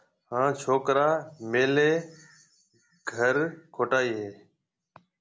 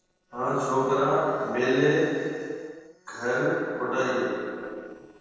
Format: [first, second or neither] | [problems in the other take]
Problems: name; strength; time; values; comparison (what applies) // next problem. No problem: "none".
first | noise reduction (neural separator model SepFormer DNS4)